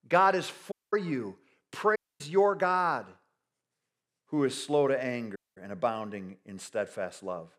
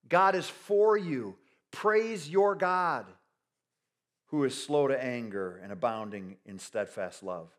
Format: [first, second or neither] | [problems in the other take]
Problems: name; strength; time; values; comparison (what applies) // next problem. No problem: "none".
second | audio cutting out; at 0.5 s, at 2 s and at 5.5 s